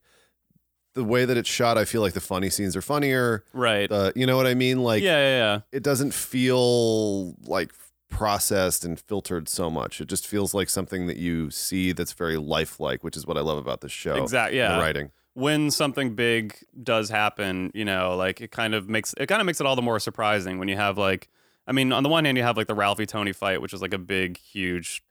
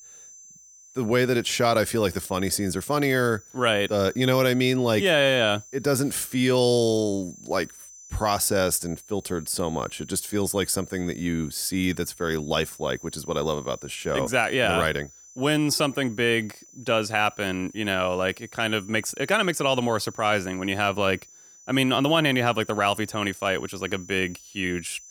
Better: first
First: none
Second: high-pitched whine; faint; throughout; 6 kHz, 20 dB below the speech

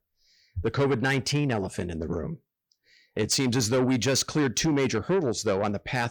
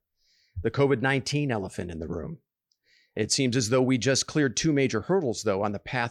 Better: second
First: distortion; slight; 10 dB below the speech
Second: none

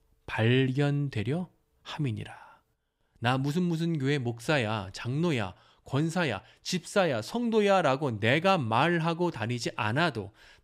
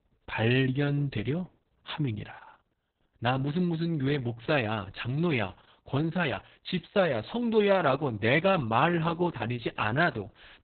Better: first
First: none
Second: garbled, watery; badly; nothing above 4 kHz

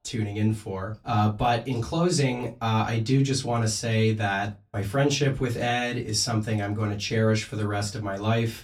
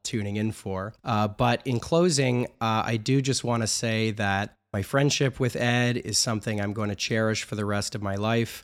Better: second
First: off-mic speech; far // room echo; very slight; dies away in 0.2 s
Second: none

